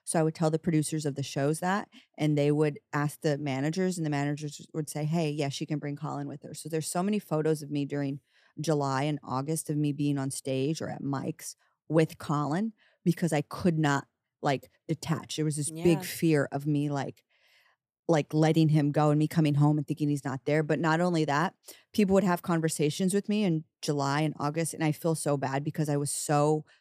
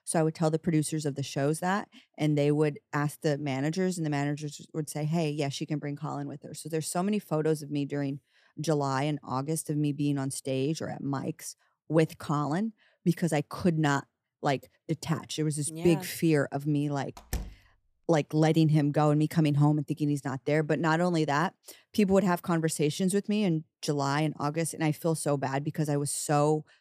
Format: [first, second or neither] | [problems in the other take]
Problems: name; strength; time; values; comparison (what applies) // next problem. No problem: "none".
first | door banging; noticeable; at 17 s; peak 10 dB below the speech